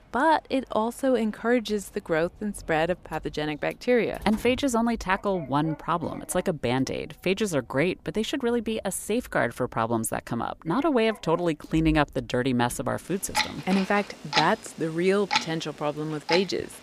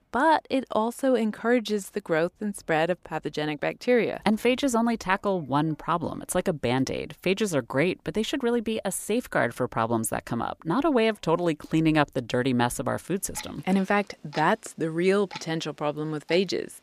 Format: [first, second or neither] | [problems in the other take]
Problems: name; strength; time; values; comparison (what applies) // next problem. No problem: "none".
second | household noises; loud; throughout; 7 dB below the speech; faint in the second